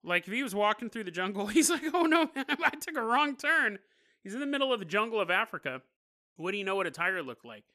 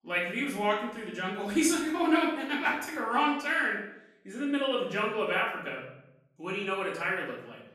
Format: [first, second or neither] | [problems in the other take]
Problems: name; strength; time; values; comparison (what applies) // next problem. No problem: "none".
first | off-mic speech; far // room echo; noticeable; dies away in 0.8 s